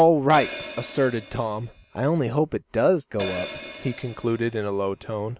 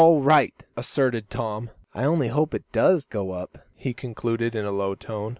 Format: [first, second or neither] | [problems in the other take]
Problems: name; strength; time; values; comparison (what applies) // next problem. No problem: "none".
second | background sound (Hi-hat); 14 dB below the speech